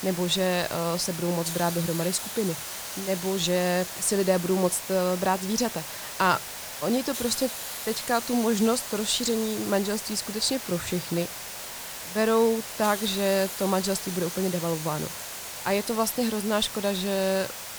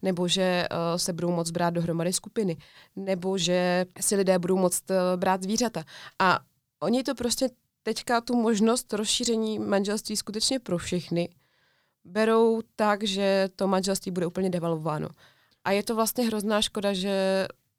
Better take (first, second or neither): second